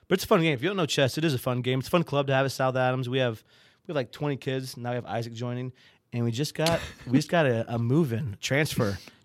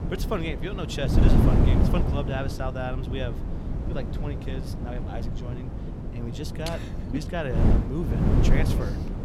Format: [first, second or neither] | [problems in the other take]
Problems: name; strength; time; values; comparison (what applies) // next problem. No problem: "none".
first | wind noise on the microphone; heavy; 1 dB below the speech